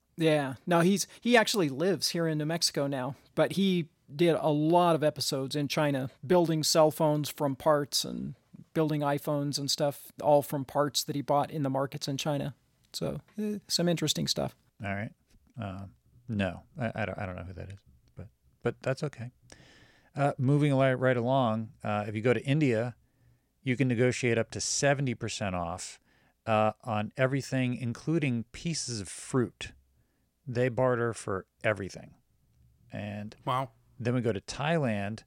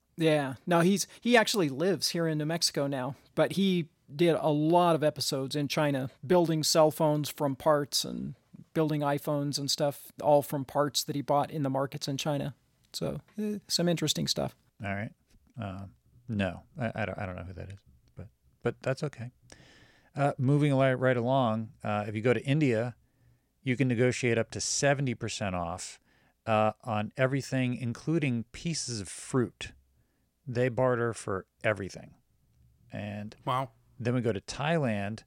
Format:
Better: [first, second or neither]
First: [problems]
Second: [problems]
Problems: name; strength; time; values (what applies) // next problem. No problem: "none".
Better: neither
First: none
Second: none